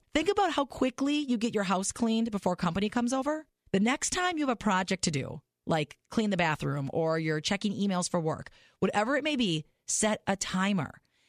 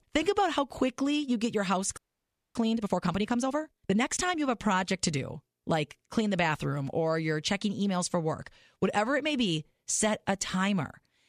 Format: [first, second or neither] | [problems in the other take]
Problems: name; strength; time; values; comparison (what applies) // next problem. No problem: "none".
first | audio freezing; at 2 s for 0.5 s